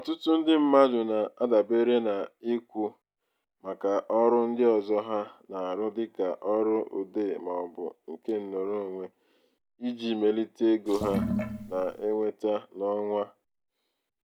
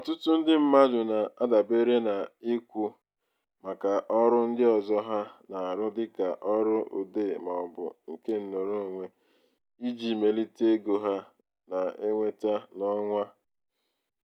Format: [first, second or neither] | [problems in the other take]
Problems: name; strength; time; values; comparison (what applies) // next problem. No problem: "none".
second | background sound (Sink (filling or washing) / Water); 5 dB below the speech